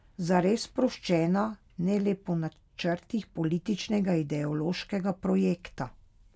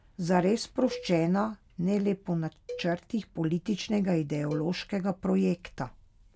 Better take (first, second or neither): first